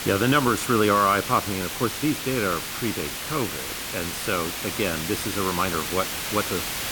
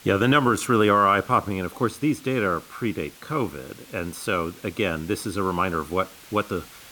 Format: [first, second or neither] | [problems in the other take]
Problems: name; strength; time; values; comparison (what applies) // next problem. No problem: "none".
second | hiss; loud; throughout; 4 dB below the speech; faint in the second